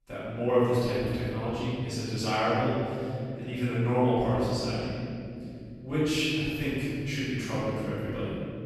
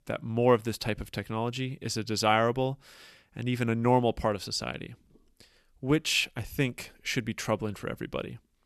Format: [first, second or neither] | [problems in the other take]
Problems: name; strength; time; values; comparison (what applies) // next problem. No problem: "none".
second | off-mic speech; far // room echo; strong; dies away in 3 s